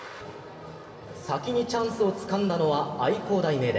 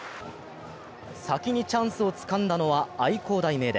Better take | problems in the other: second | room echo; dies away in 2.8 s

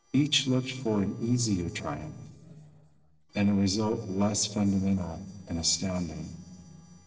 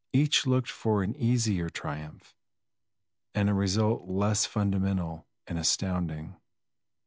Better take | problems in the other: second | noise reduction (neural separator model SepFormer DNS4)

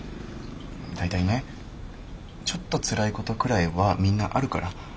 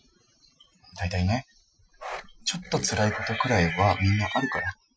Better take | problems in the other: first | noise reduction (classical method Wiener filter)

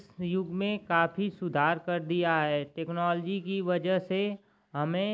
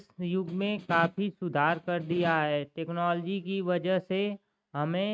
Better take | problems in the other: first | noise reduction (neural mask model RNNoise)

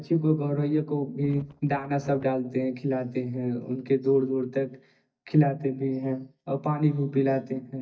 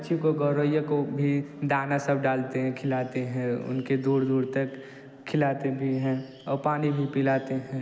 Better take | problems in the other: second | noise reduction (neural mask model DeepFilterNet 3)

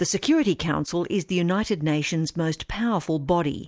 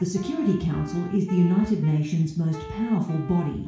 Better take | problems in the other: first | background sound (Wind instrument, woodwind instrument); 17 dB below the speech // room echo; dies away in 0.6 s

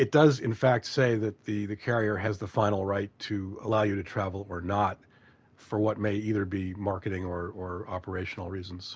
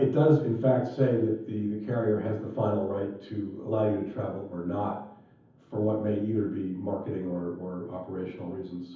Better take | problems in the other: first | room echo; dies away in 0.7 s

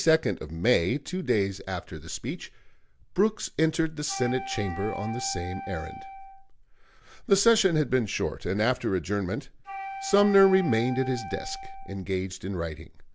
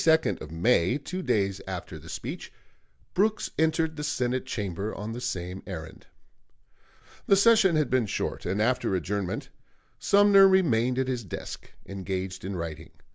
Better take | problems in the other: second | background sound (Wind instrument, woodwind instrument); 11 dB below the speech

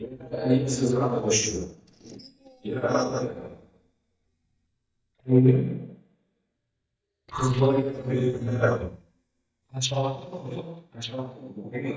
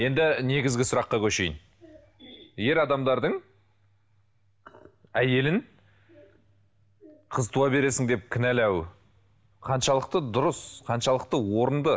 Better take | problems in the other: second | noise reduction (neural mask model DeepFilterNet 3)

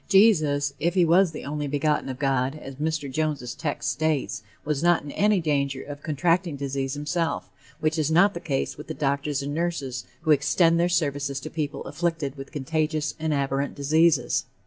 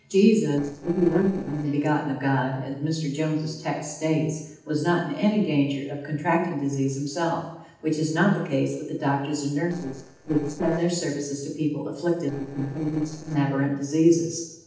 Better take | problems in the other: first | noise reduction (neural separator model SepFormer DNS4)

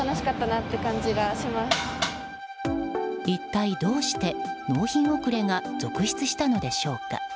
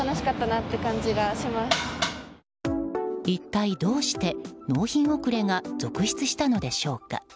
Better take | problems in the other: second | background sound (Bowed string instrument); 10 dB below the speech

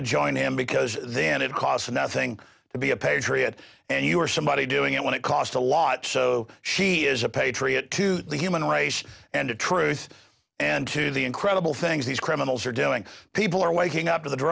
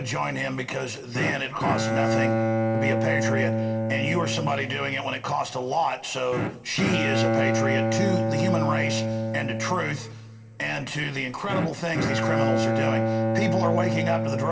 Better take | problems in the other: first | background sound (Bowed string instrument); 2 dB above the speech // room echo; dies away in 2.7 s

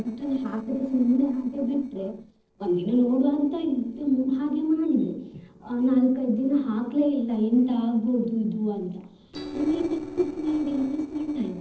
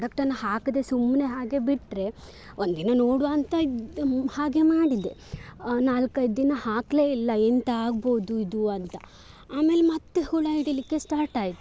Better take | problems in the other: second | noise reduction (neural separator model SepFormer DNS4)

